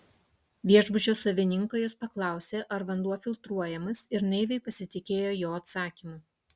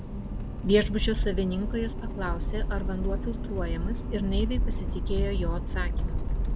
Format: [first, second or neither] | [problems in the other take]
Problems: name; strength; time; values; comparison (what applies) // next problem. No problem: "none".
first | background sound (Accelerating, revving, vroom); 3 dB above the speech